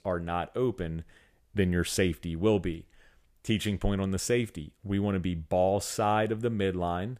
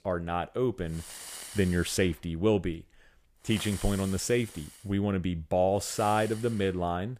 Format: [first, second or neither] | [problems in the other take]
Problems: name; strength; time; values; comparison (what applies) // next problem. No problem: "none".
first | hiss; noticeable; from 1 to 2.5 s, from 3.5 to 5 s and from 6 s on; 15 dB below the speech